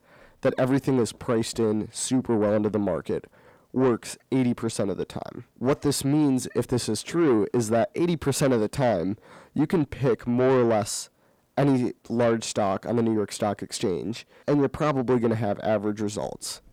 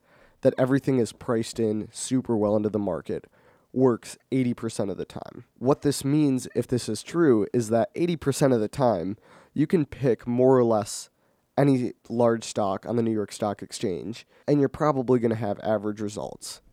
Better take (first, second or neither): second